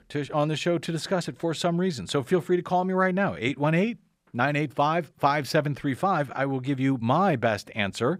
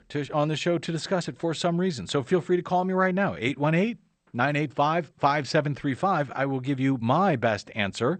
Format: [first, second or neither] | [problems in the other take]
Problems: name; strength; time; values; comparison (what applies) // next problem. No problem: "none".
first | garbled, watery; slightly; nothing above 8.5 kHz